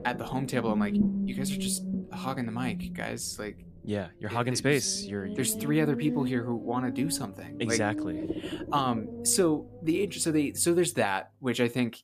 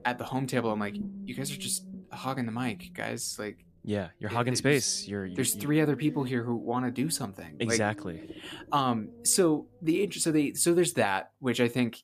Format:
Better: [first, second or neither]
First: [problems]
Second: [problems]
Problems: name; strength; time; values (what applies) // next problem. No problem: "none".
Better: second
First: low rumble; loud; throughout; 10 dB below the speech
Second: low rumble; faint; throughout; 20 dB below the speech